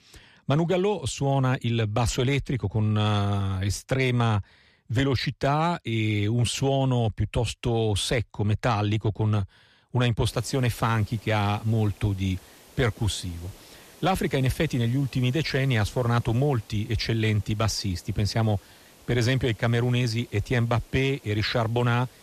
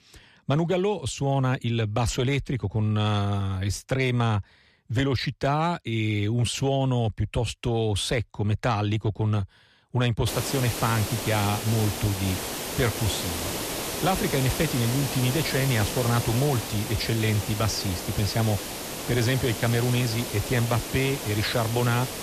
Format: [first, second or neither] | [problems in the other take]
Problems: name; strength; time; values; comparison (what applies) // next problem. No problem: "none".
first | hiss; loud; from 10 s on; 5 dB below the speech; faint in the first